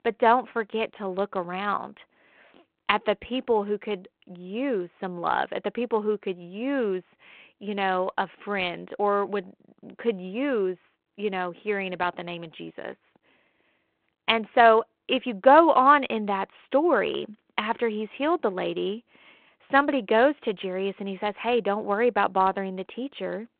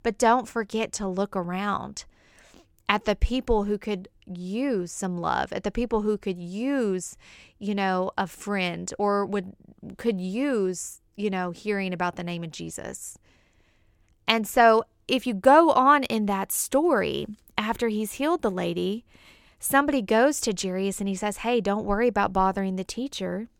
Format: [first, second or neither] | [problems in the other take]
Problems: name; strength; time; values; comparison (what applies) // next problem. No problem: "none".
second | phone-call audio